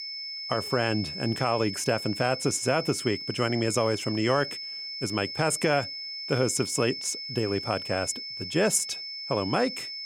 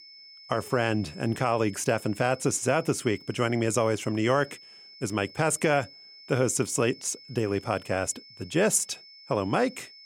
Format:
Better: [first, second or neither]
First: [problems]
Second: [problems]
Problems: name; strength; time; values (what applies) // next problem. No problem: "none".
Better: second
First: high-pitched whine; loud; throughout; 5.5 kHz, 6 dB below the speech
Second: high-pitched whine; faint; throughout; 5.5 kHz, 20 dB below the speech